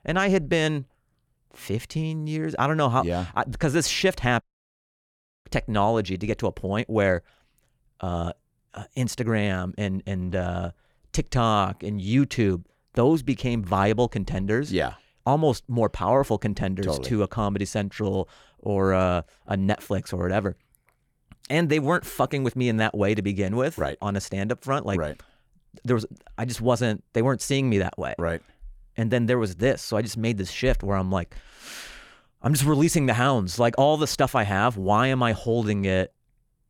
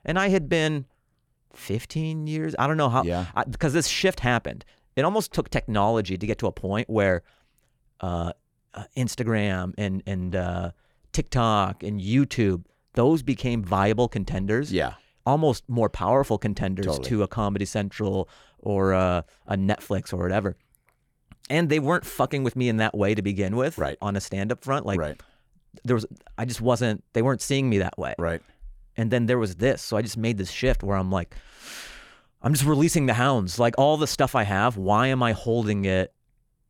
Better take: second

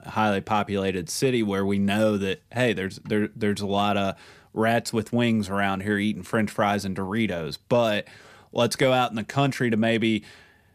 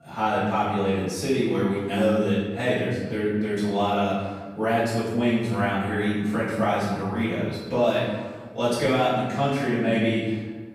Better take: first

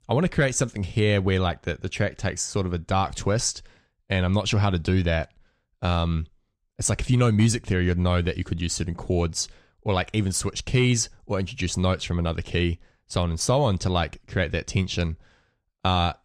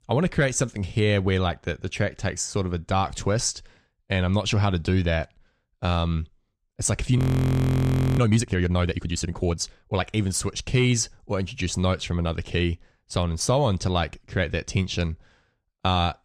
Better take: first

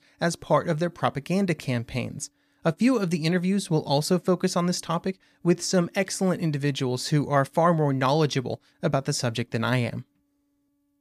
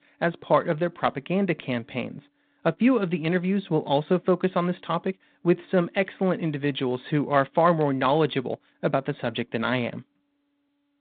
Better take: first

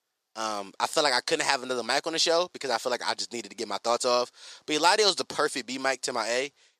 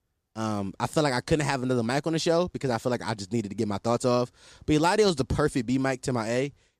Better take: second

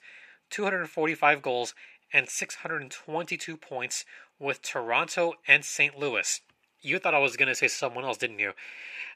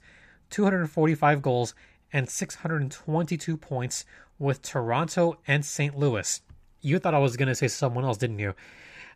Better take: second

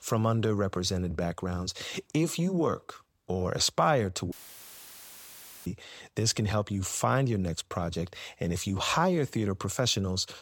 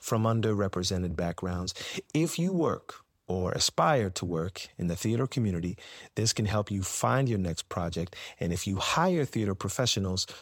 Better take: second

